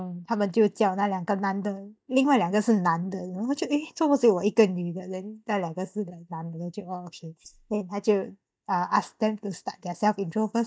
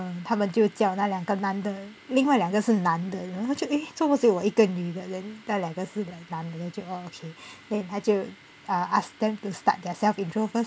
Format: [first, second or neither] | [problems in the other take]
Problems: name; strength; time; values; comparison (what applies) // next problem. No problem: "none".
second | noise reduction (neural mask model DeepFilterNet 3)